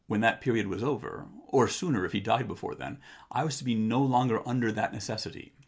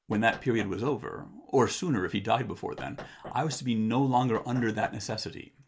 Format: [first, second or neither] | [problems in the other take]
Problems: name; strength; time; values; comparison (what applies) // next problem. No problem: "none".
first | noise reduction (neural mask model Resemble Enhance denoiser)